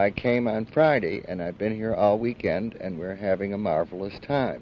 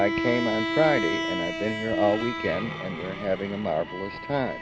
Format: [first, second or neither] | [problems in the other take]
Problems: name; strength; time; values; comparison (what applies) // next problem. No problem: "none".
first | background sound (Bowed string instrument); 3 dB below the speech